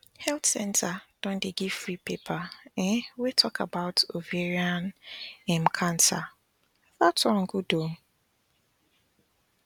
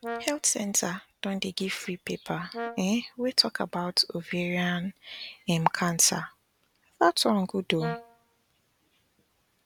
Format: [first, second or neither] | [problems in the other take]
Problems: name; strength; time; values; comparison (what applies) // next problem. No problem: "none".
first | background sound (Brass instrument); 13 dB below the speech